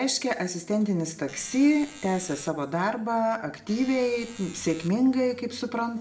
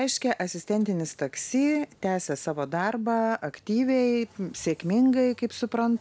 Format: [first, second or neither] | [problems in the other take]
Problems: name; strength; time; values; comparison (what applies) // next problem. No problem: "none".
second | background sound (Alarm); 19 dB below the speech // room echo; dies away in 0.4 s